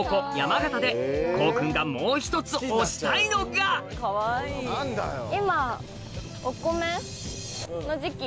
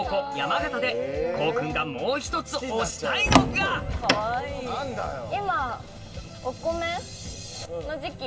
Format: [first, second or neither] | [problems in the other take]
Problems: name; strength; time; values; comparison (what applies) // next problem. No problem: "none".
first | background sound (Door); 4 dB above the speech // room echo; dies away in 0.4 s